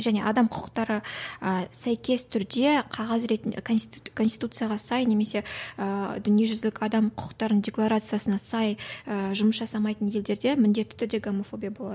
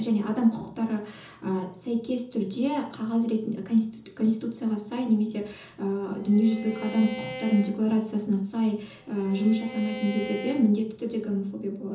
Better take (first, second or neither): first